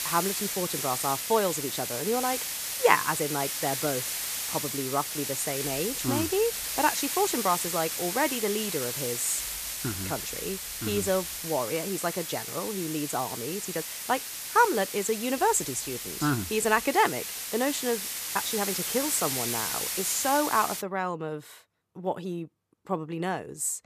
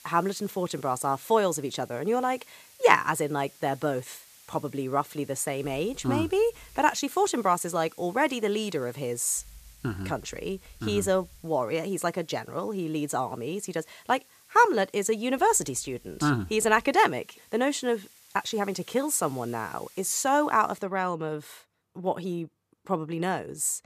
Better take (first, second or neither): second